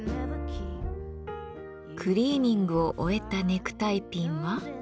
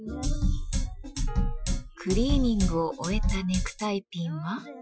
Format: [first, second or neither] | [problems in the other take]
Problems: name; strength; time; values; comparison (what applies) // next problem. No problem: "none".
first | noise reduction (classical method Wiener filter)